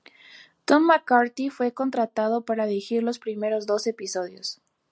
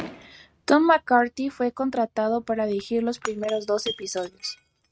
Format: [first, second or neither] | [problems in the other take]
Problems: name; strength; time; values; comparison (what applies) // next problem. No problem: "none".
first | noise reduction (neural mask model RNNoise)